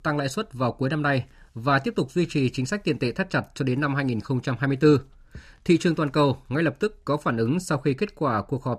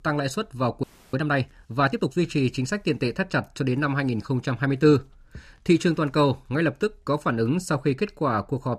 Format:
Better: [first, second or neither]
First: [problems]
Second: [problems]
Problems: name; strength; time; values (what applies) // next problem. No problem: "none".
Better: first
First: none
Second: audio freezing; at 1 s